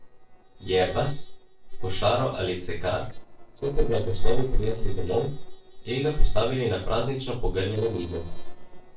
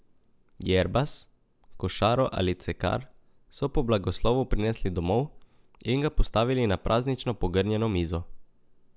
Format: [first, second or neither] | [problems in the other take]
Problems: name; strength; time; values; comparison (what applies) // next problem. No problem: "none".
second | noise reduction (neural separator model SepFormer DNS4)